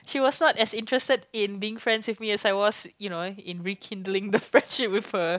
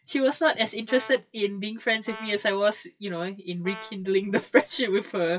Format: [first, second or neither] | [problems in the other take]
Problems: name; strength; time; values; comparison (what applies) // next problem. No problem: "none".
first | noise reduction (classical method WPE with log-MMSE)